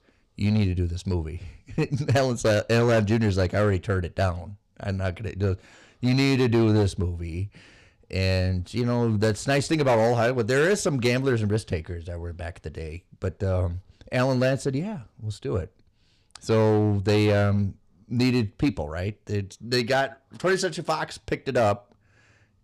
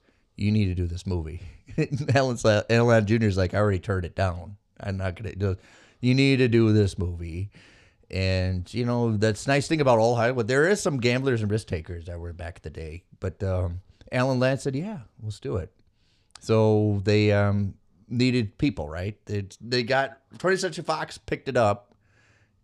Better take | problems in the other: second | distortion; slight; 5% of the sound clipped

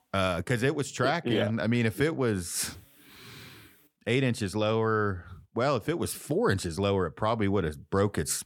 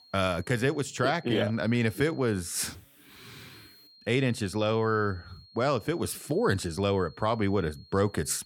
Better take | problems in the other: first | high-pitched whine; faint; until 2.5 s and from 3.5 s on; 4.5 kHz, 25 dB below the speech

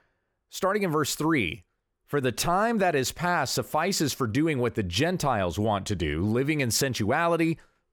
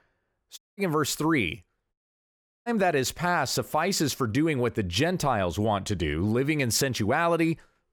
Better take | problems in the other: first | audio cutting out; at 0.5 s and at 2 s for 0.5 s

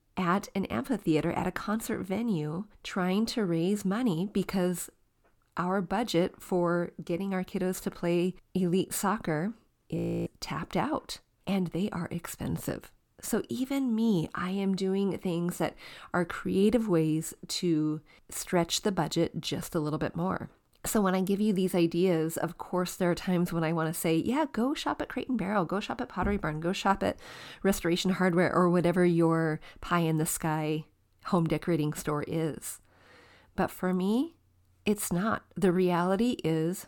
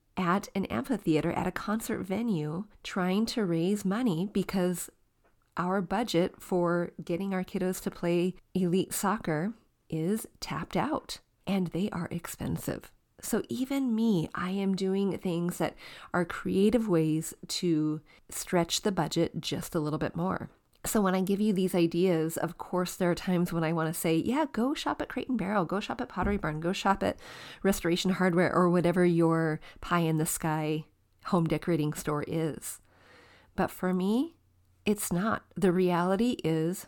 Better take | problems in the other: second | audio freezing; at 10 s

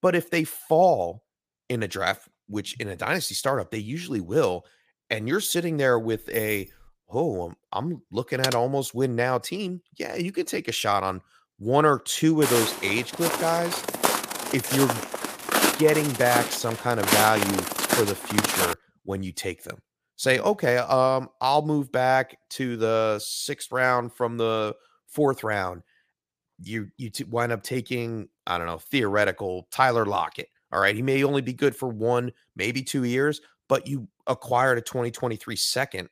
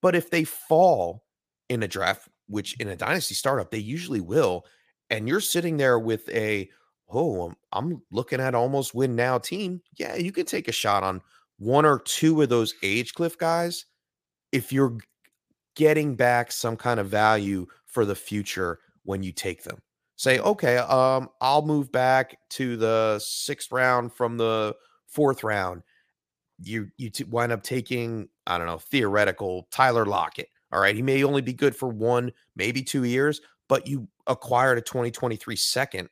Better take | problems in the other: second | jangling keys; noticeable; at 6 s; peak 9 dB below the speech // keyboard typing; noticeable; at 8.5 s; peak 3 dB below the speech // footsteps; loud; from 12 to 19 s; peak 5 dB above the speech

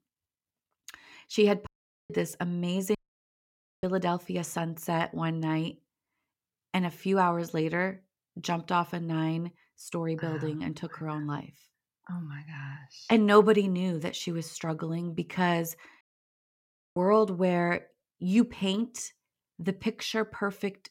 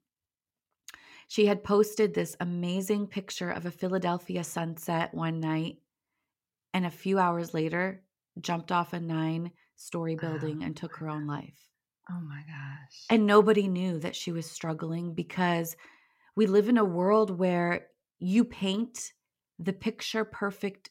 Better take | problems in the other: second | audio cutting out; at 1.5 s, at 3 s for 1 s and at 16 s for 1 s

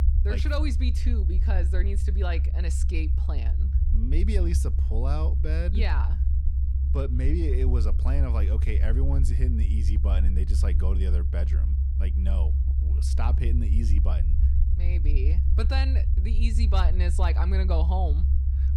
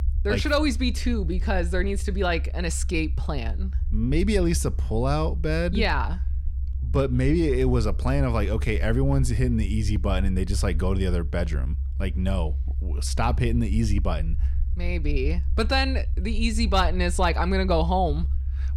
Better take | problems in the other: second | low rumble; loud; throughout; 6 dB below the speech; faint in the second

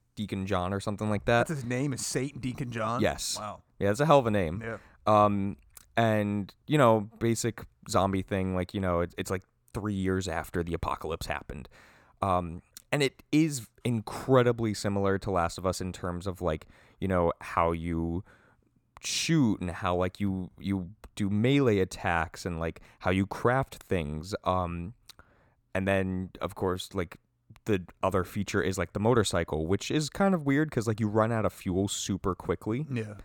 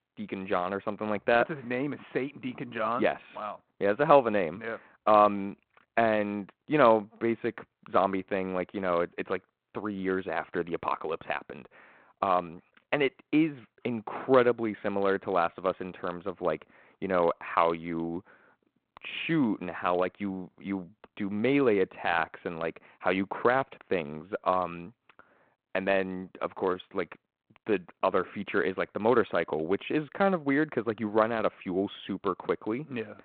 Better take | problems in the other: first | phone-call audio; nothing above 4 kHz

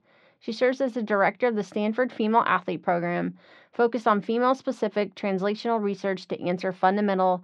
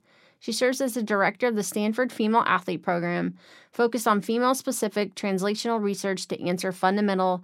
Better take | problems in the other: second | muffled; slightly; fading above 3.5 kHz

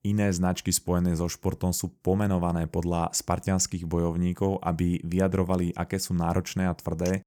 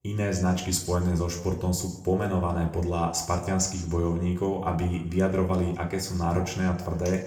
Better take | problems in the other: first | room echo; slight; dies away in 0.8 s // off-mic speech; somewhat distant

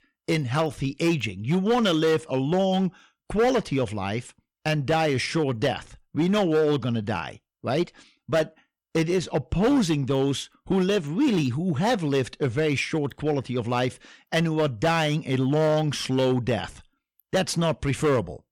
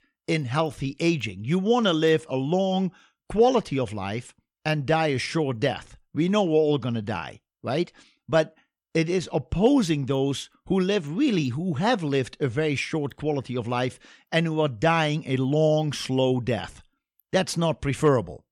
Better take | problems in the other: second | distortion; slight; 7% of the sound clipped

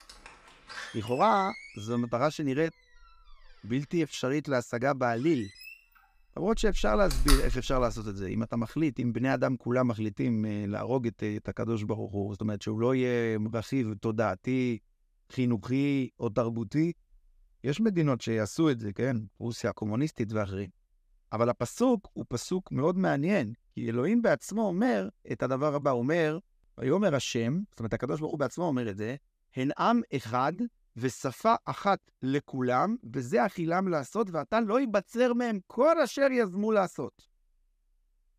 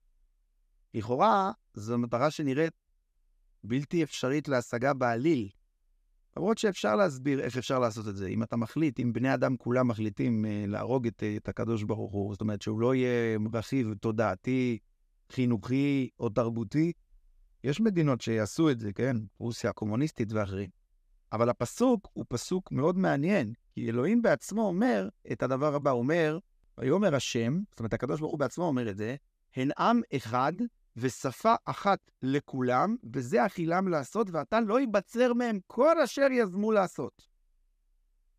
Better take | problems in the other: second | door banging; loud; from 6.5 to 8 s; peak 1 dB above the speech

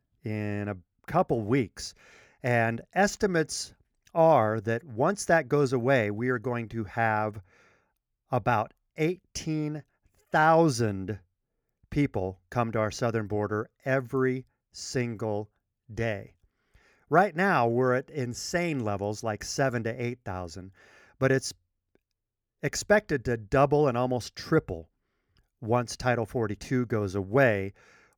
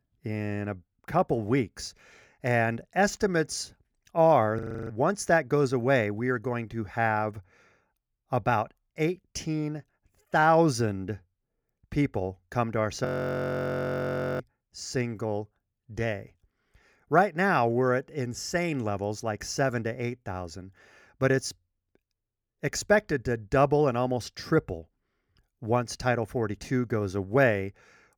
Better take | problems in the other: first | audio freezing; at 4.5 s and at 13 s for 1.5 s

